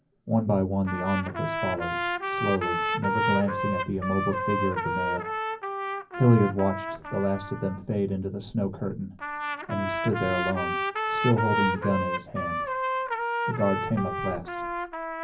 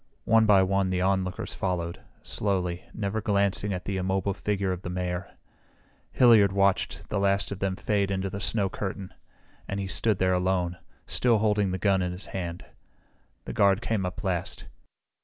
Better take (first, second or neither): second